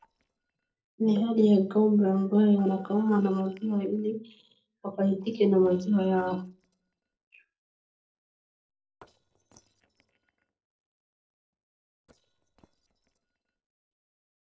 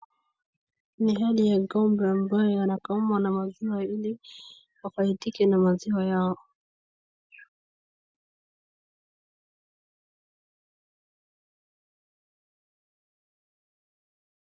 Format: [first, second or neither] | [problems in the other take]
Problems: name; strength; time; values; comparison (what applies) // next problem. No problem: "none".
second | noise reduction (neural separator model SepFormer DNS4)